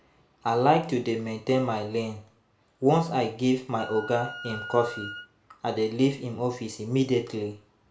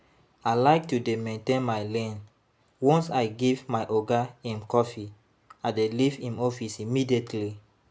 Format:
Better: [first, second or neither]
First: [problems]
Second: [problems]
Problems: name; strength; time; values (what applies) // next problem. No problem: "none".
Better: second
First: background sound (Wind instrument, woodwind instrument); 13 dB below the speech // room echo; dies away in 0.4 s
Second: none